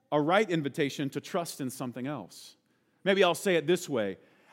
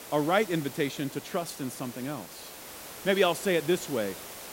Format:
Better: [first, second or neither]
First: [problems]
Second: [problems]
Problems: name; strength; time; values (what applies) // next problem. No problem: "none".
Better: first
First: none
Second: hiss; noticeable; throughout; 15 dB below the speech